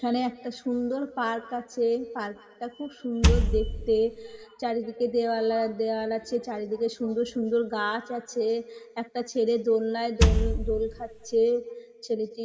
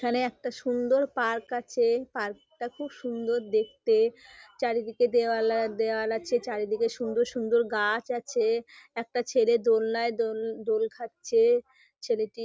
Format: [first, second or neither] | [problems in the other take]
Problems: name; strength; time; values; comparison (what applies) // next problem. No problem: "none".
second | background sound (Wood); 3 dB above the speech // room echo; dies away in 1.9 s